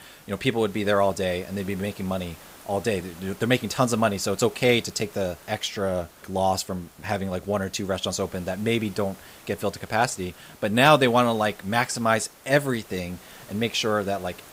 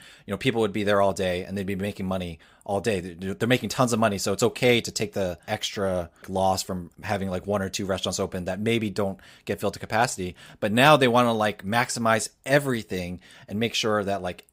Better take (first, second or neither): second